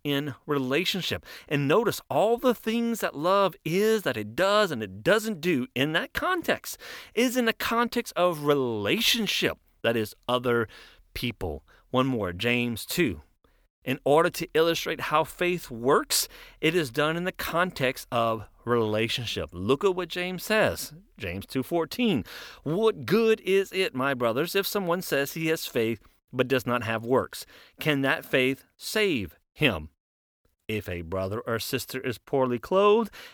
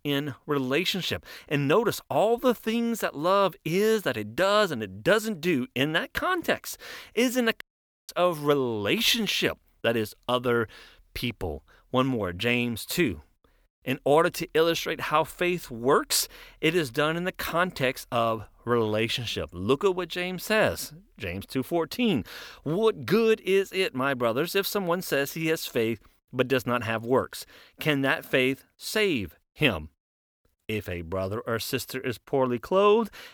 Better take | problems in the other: first | audio cutting out; at 7.5 s

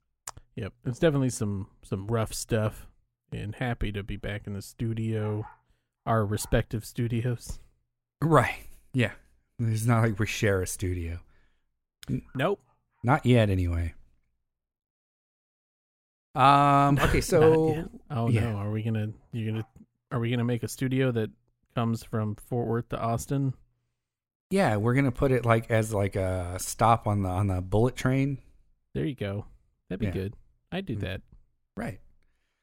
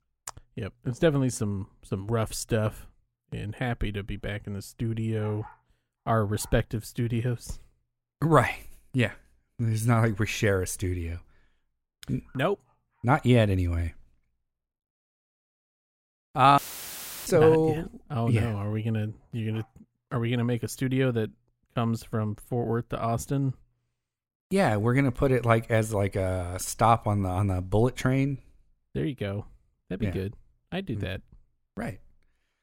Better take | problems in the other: first | audio cutting out; filled with static; at 17 s for 0.5 s

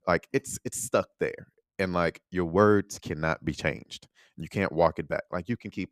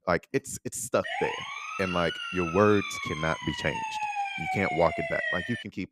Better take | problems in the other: first | siren; noticeable; from 1 s on; peak level with the speech

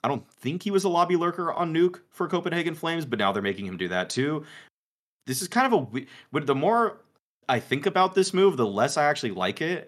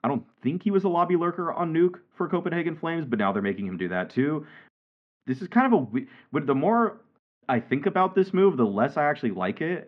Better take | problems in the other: first | muffled; very; fading above 2.5 kHz

